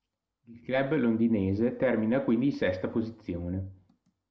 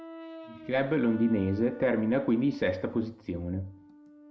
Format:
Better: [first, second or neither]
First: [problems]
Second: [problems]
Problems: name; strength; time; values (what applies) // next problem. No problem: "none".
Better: first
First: none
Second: background sound (Brass instrument); 18 dB below the speech